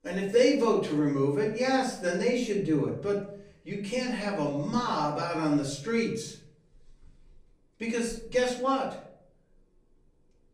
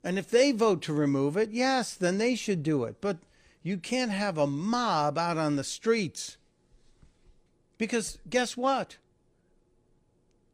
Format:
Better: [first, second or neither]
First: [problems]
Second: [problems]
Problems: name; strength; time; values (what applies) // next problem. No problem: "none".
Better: second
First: off-mic speech; far // room echo; slight; dies away in 0.5 s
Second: none